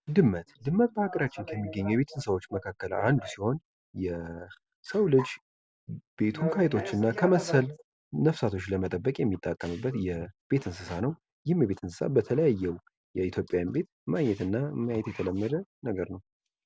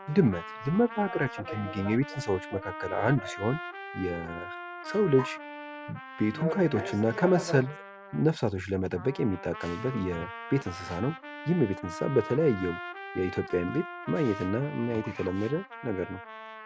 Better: first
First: none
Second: background sound (Trumpet); 12 dB below the speech

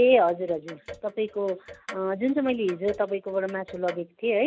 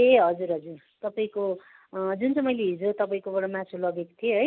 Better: second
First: background sound (Clock); 20 dB below the speech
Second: none

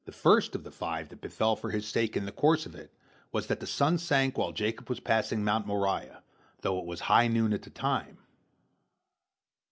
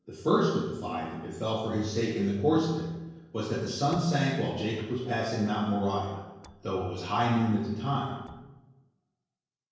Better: first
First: none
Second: noise reduction (neural separator model SepFormer DNS4)

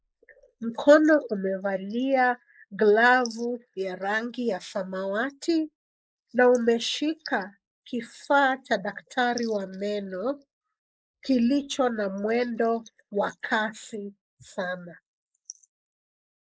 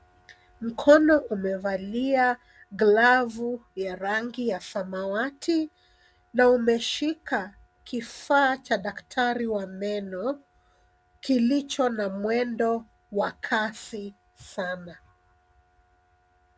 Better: second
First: noise reduction (neural mask model Resemble Enhance denoiser)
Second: none

